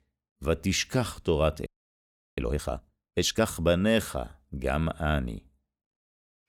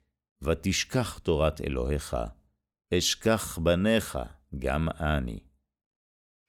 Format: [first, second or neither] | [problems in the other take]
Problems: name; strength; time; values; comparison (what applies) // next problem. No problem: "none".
second | audio freezing; at 1.5 s for 0.5 s